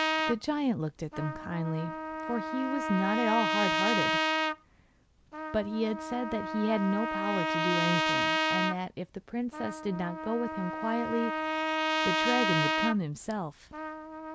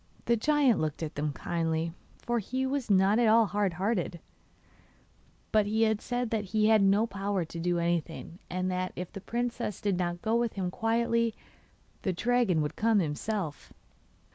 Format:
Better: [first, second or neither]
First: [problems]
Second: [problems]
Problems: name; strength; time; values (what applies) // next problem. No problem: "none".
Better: second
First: background sound (Trumpet); 1 dB above the speech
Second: none